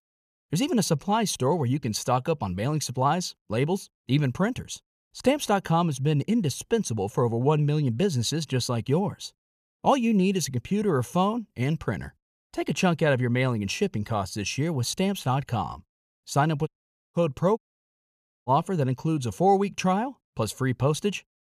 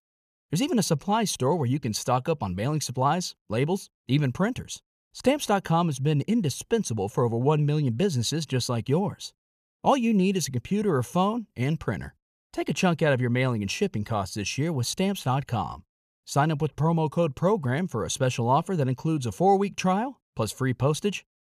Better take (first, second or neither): second